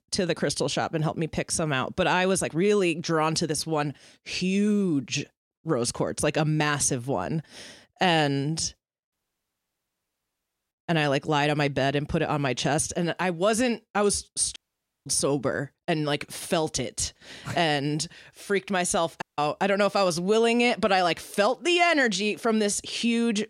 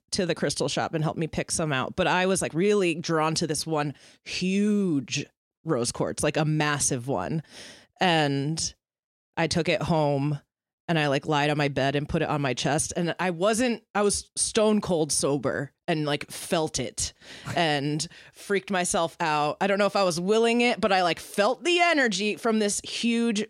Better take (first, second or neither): second